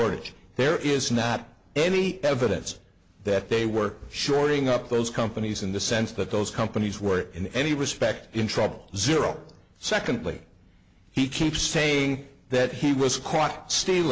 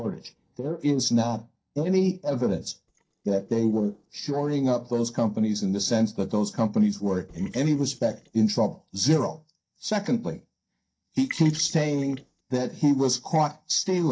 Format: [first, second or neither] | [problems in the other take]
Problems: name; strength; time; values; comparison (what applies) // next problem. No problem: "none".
first | noise reduction (neural mask model DeepFilterNet 3)